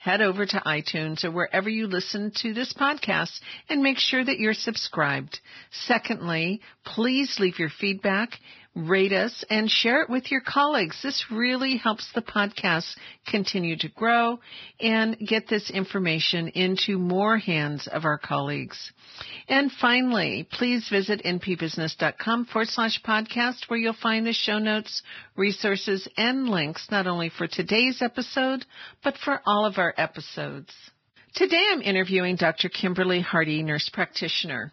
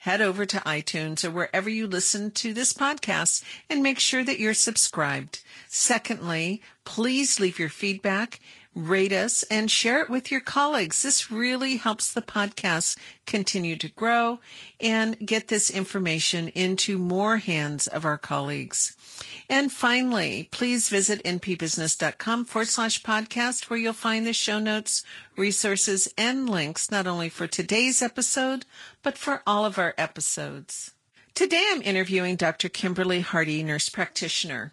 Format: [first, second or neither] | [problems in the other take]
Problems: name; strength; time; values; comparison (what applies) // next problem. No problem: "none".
second | garbled, watery; badly; nothing above 5.5 kHz; slightly in the second